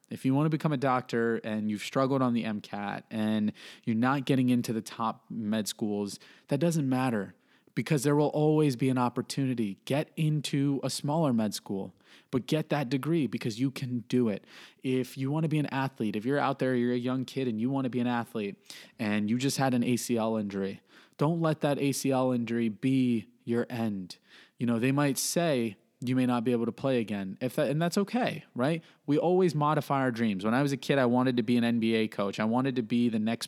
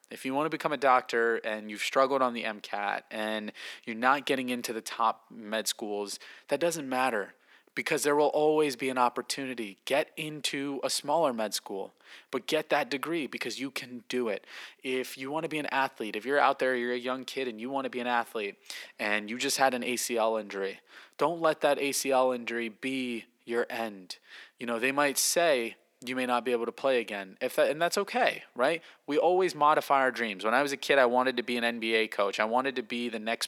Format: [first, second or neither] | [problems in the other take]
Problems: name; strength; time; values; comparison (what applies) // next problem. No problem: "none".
first | thin; somewhat; fading below 550 Hz